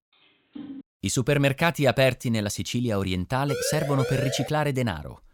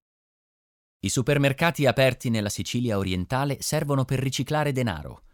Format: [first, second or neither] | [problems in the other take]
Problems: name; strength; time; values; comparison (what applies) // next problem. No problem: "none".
second | phone ringing; faint; at 0.5 s; peak 15 dB below the speech // siren; noticeable; from 3.5 to 4.5 s; peak 5 dB below the speech